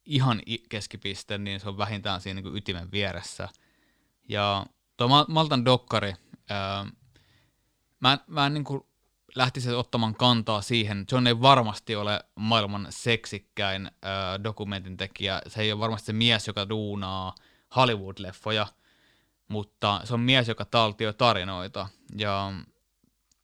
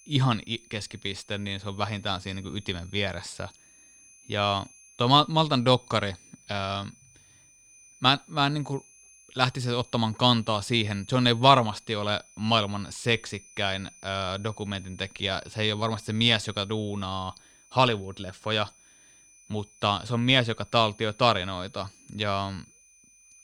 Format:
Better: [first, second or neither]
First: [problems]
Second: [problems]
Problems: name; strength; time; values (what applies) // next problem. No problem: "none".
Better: first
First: none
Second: high-pitched whine; faint; throughout; 6 kHz, 25 dB below the speech